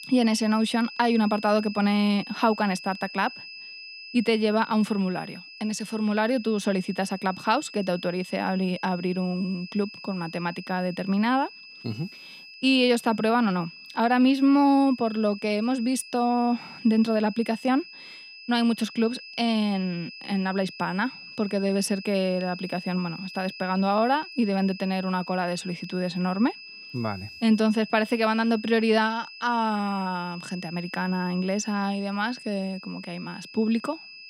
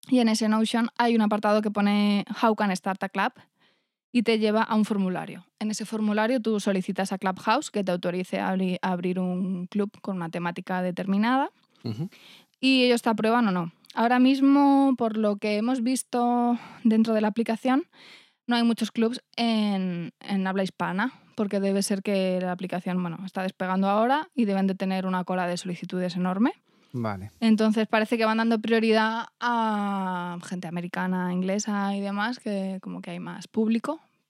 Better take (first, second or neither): second